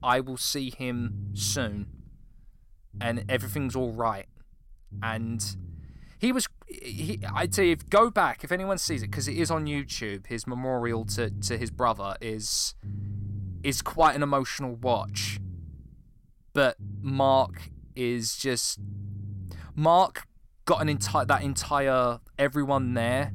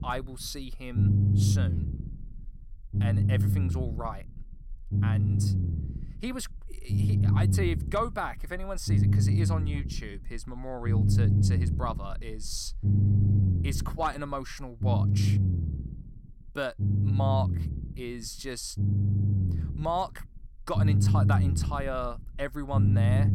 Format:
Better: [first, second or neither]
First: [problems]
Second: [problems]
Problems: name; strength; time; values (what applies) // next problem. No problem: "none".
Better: first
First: low rumble; faint; throughout; 25 dB below the speech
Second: low rumble; loud; throughout; 4 dB below the speech